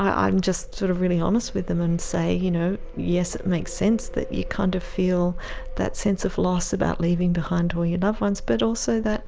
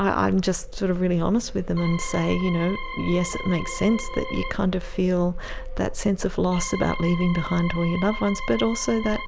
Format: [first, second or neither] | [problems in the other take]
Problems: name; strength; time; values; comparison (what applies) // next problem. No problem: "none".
first | background sound (Organ); 12 dB below the speech